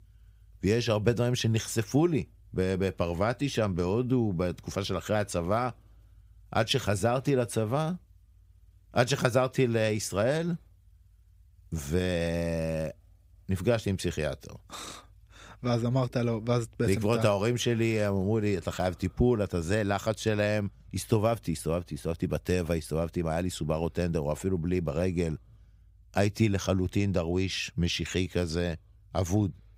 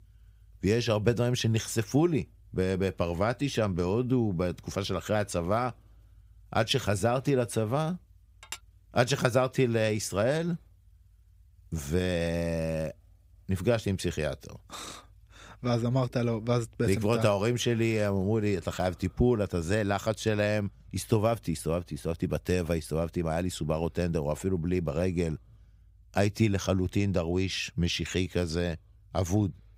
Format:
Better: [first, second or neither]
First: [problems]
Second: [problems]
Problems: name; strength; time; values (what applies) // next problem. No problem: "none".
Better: first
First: none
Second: clattering dishes; faint; at 8.5 s; peak 15 dB below the speech